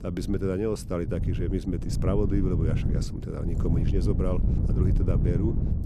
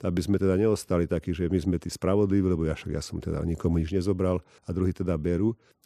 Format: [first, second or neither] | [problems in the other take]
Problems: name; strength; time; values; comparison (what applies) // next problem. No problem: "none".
second | wind noise on the microphone; heavy; 6 dB below the speech